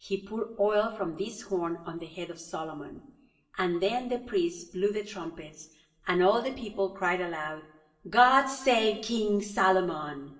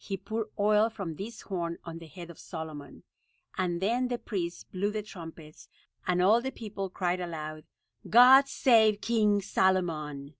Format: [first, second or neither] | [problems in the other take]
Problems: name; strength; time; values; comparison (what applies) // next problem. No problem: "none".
second | room echo; dies away in 0.6 s